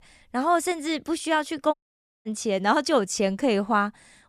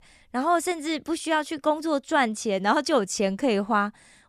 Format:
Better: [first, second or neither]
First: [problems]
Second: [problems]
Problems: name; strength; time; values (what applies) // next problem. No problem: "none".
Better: second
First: audio cutting out; at 1.5 s for 0.5 s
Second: none